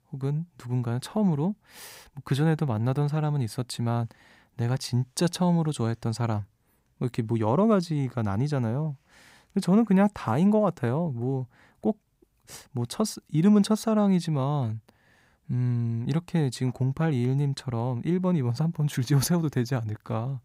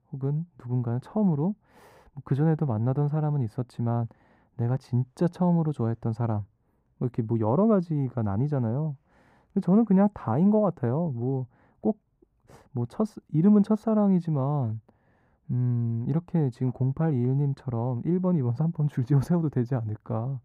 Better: first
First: none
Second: muffled; very; fading above 2 kHz

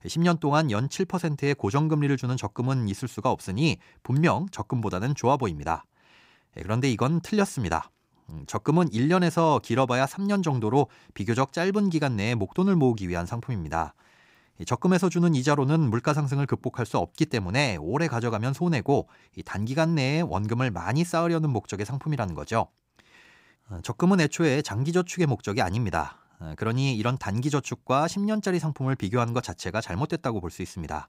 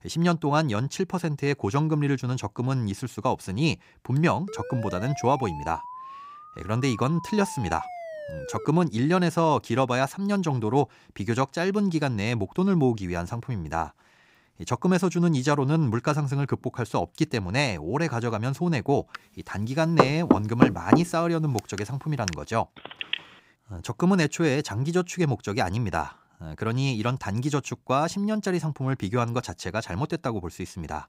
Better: first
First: none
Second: siren; faint; from 4.5 to 8.5 s; peak 10 dB below the speech // door banging; loud; from 20 to 22 s; peak 6 dB above the speech // phone ringing; noticeable; at 23 s; peak 5 dB below the speech

